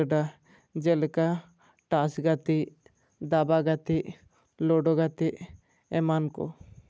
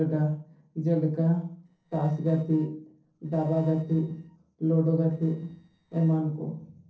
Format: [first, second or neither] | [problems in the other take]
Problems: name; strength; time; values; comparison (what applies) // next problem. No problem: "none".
first | noise reduction (neural separator model SepFormer DNS4)